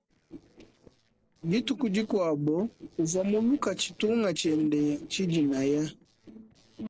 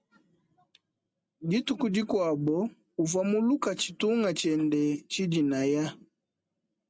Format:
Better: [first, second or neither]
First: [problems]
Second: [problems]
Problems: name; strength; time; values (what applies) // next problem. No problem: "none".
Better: second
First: noise reduction (neural separator model SepFormer DNS4)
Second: none